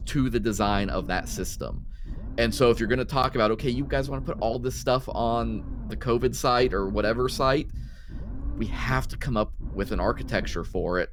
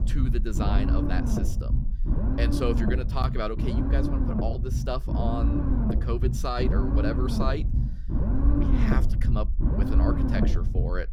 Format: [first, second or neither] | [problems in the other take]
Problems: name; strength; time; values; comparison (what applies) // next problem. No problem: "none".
first | low rumble; loud; throughout; 2 dB below the speech; faint in the first